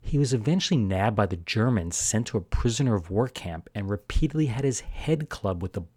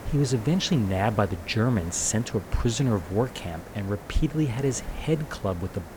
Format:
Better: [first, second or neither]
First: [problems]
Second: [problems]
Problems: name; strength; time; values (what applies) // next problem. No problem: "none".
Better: first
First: none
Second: hiss; noticeable; throughout; 15 dB below the speech